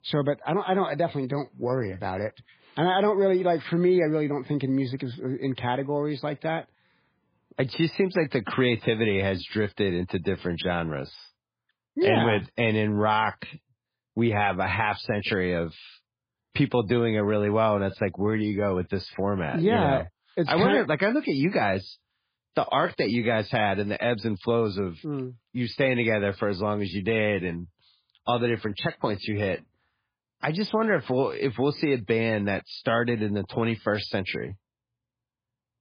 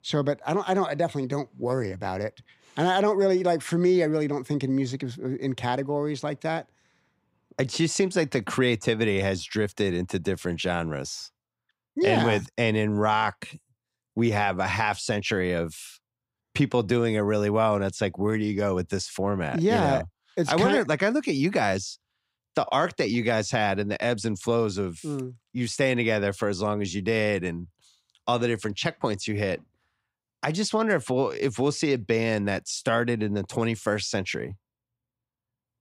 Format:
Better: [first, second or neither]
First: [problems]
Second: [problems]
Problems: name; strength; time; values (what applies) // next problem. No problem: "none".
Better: second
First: garbled, watery; badly; nothing above 5 kHz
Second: none